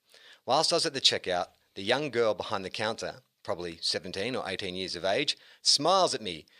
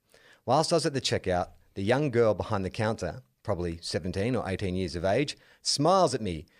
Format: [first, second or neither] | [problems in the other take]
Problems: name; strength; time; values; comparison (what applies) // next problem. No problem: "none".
second | thin; very slightly; fading below 500 Hz